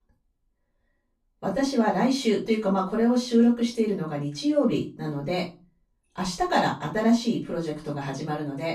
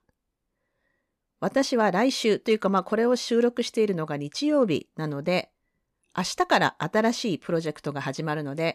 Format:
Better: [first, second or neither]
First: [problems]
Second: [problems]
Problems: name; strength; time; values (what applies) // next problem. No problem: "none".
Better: second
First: off-mic speech; far // room echo; slight; dies away in 0.3 s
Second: none